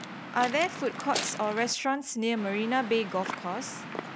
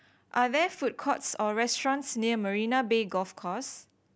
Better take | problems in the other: second | background sound (Waves, surf / Wind); 9 dB below the speech

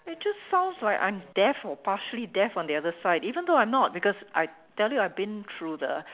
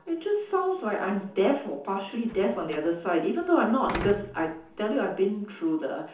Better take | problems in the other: first | background sound (Slam); 15 dB below the speech // room echo; dies away in 0.6 s

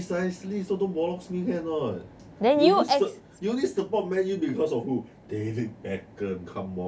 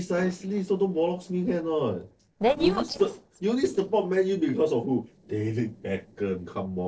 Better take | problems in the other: first | noise reduction (neural separator model SepFormer DNS4)

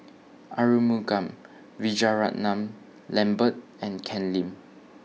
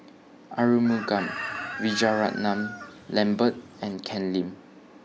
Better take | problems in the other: first | background sound (Chicken, rooster); 10 dB below the speech

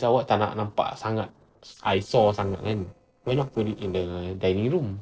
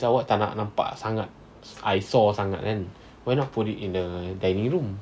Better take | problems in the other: second | noise reduction (neural separator model SepFormer DNS4)

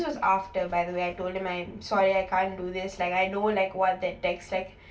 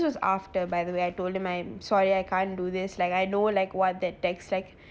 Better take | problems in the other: second | room echo; dies away in 0.2 s

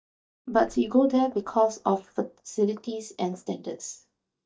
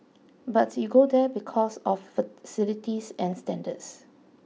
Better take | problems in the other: second | noise reduction (neural mask model DeepFilterNet 3)

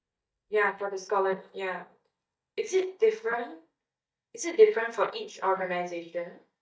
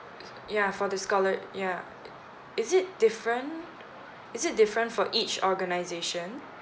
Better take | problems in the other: second | noise reduction (neural mask model DeepFilterNet 3)

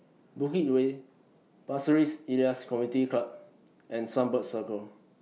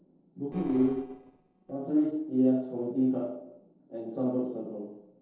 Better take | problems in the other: first | noise reduction (neural separator model SepFormer DNS4)

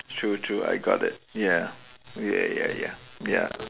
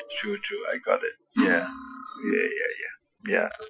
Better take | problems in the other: first | noise reduction (classical method Wiener filter)

